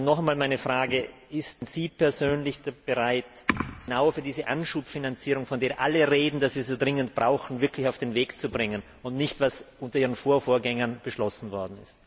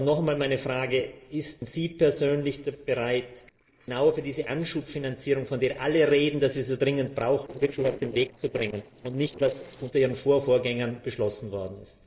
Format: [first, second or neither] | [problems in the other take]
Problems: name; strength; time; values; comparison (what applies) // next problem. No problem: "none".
first | noise reduction (neural separator model SepFormer DNS4)